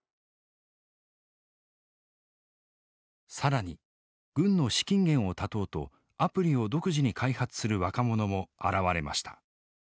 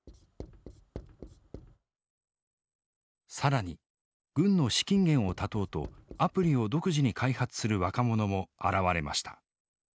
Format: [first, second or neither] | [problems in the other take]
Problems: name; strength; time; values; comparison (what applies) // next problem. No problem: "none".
first | background sound (Writing); 18 dB below the speech